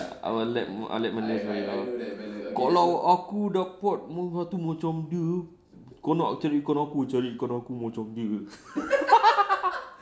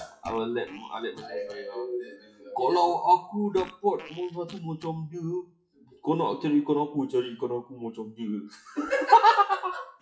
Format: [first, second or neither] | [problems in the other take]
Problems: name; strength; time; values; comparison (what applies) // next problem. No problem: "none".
first | noise reduction (classical method WPE with log-MMSE)